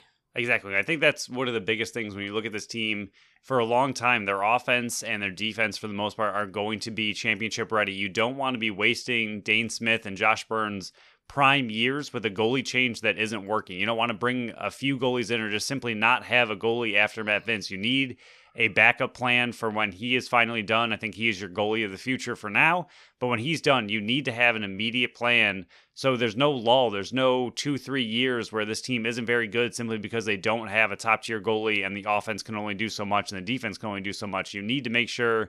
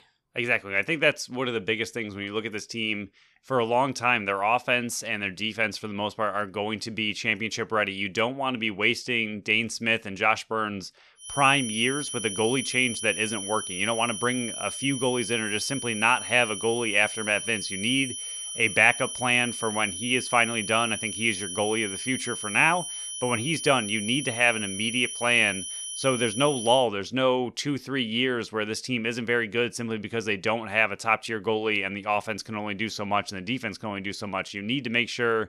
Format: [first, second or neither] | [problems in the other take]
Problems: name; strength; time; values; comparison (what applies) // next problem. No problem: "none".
first | high-pitched whine; loud; from 11 to 27 s; 10 kHz, 7 dB below the speech